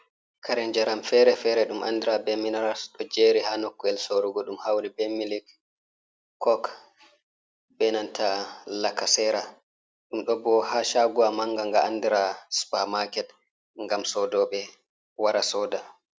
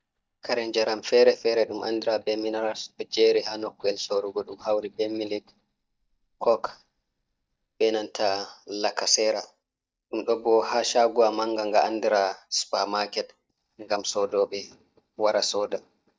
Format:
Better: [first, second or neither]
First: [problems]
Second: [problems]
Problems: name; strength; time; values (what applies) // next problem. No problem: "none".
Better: first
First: none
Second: noise reduction (neural mask model DeepFilterNet 3)